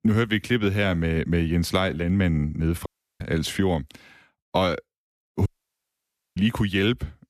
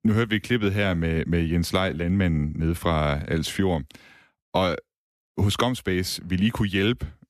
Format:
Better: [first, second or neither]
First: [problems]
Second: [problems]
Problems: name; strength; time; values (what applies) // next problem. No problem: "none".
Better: second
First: audio cutting out; at 3 s and at 5.5 s for 1 s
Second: none